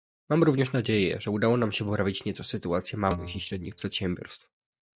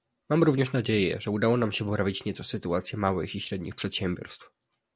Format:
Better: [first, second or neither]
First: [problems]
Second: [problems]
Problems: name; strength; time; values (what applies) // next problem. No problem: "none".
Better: second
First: noise reduction (neural mask model DeepFilterNet 3)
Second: none